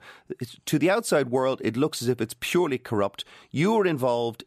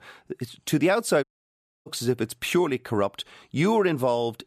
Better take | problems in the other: first | audio cutting out; at 1 s for 0.5 s

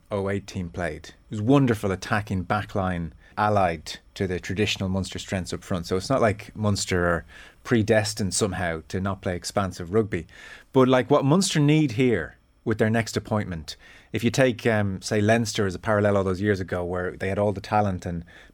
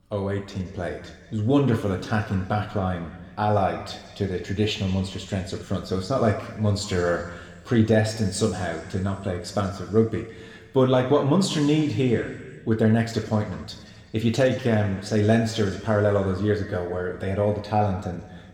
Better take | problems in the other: first | room echo; slight; dies away in 1.8 s // off-mic speech; somewhat distant

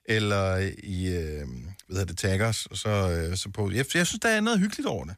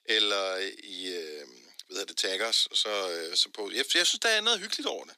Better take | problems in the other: first | thin; very; fading below 300 Hz

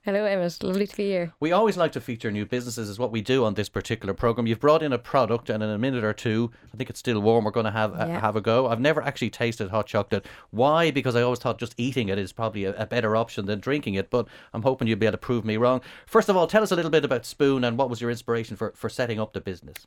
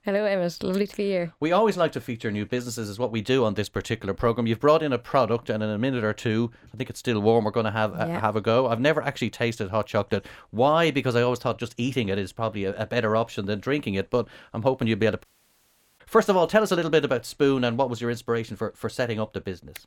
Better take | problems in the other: first | audio cutting out; at 15 s for 1 s

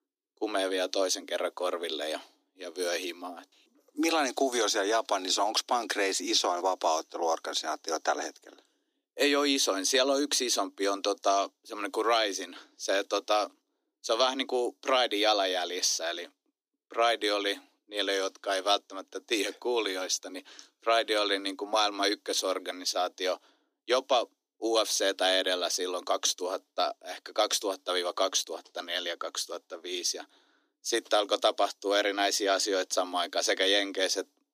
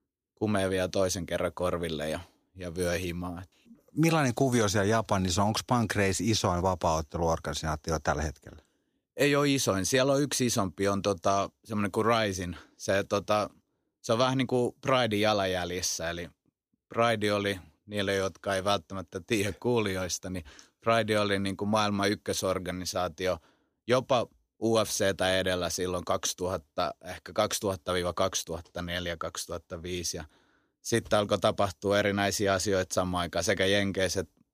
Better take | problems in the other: second | thin; somewhat; fading below 300 Hz

